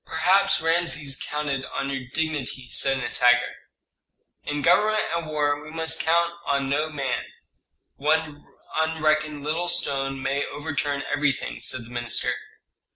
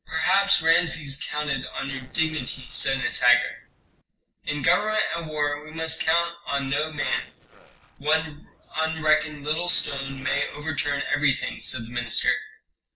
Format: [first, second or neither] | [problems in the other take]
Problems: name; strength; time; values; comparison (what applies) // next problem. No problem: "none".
first | noise reduction (neural separator model SepFormer DNS4)